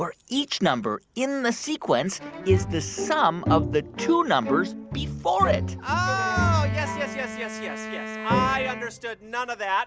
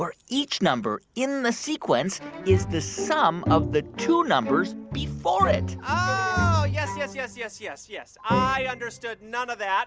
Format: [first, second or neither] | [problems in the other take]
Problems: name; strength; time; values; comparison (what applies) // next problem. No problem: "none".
second | background sound (Wind instrument, woodwind instrument); 11 dB below the speech